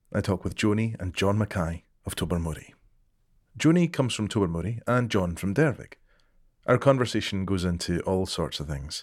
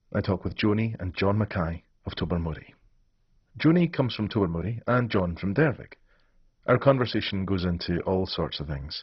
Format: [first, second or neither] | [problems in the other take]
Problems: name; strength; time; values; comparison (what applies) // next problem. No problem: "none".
first | garbled, watery; badly; nothing above 5.5 kHz